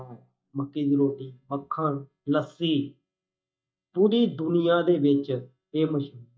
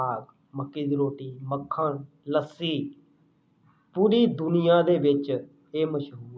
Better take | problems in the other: second | noise reduction (neural mask model DeepFilterNet 3)

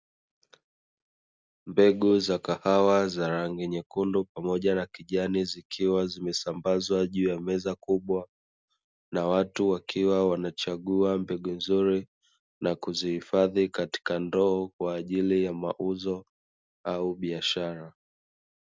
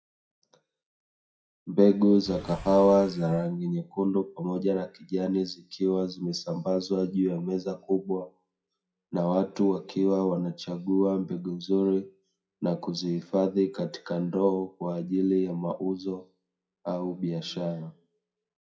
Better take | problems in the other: first | noise reduction (classical method WPE with log-MMSE)

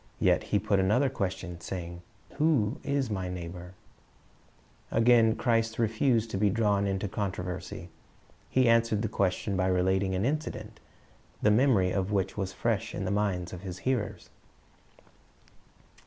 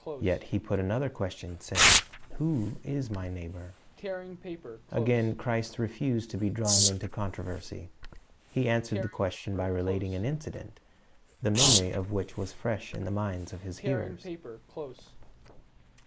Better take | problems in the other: first | noise reduction (neural mask model Resemble Enhance denoiser)

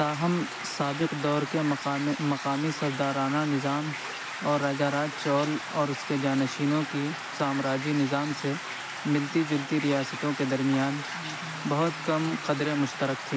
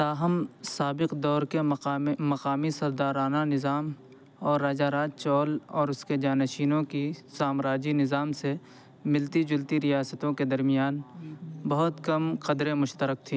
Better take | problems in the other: second | background sound (Stream); 8 dB below the speech

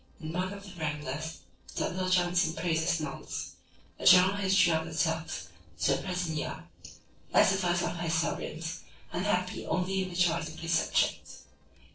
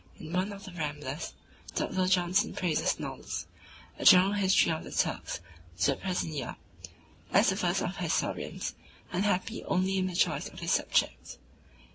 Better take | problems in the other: second | noise reduction (neural separator model SepFormer DNS4)

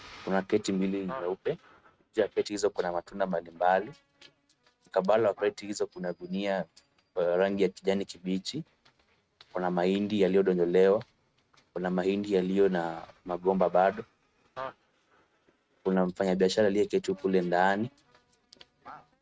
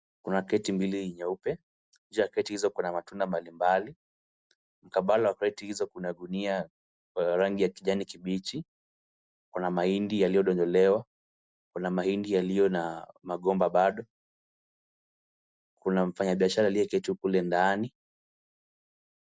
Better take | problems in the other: second | noise reduction (neural mask model RNNoise)

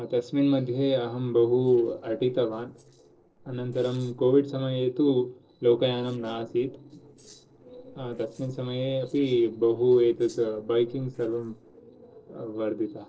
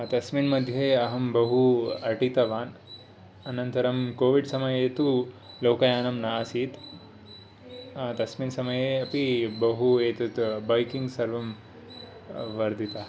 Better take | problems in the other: second | noise reduction (neural separator model SepFormer DNS4)

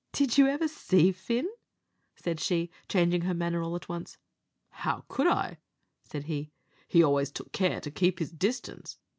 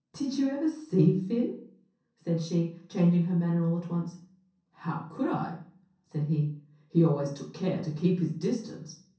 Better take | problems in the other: first | room echo; dies away in 0.6 s

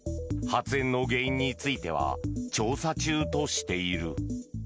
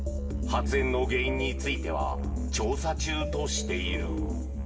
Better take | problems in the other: first | background sound (Musical instrument); as loud as the speech // room echo; dies away in 2.8 s

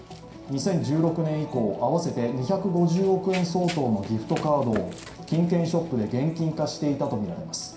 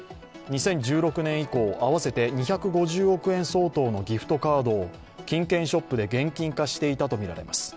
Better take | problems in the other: second | background sound (Run); 19 dB below the speech // room echo; dies away in 0.5 s

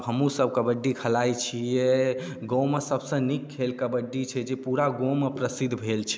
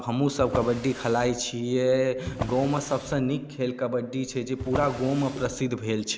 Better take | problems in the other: first | background sound (Drawer open or close); 12 dB below the speech

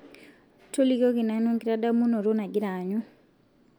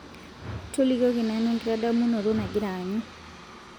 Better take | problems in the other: first | background sound (Whoosh, swoosh, swish + Aircraft); 14 dB below the speech

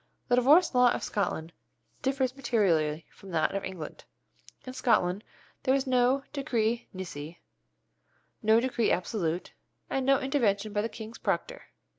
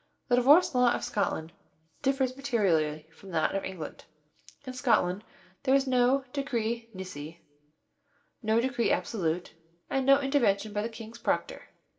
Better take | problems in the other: first | room echo; dies away in 0.3 s

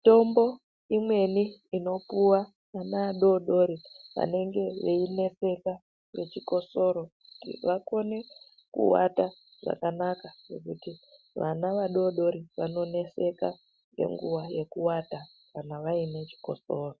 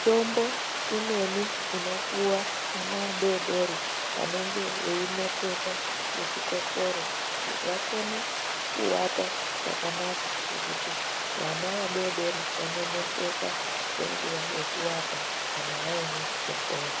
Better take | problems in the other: first | background sound (Water); 1 dB above the speech

